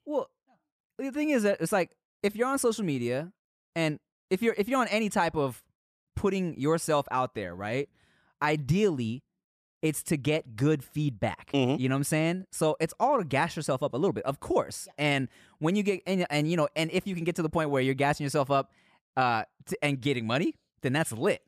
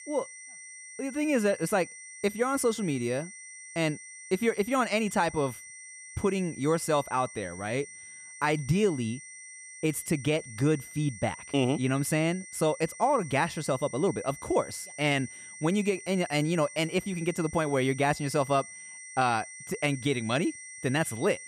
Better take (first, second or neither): first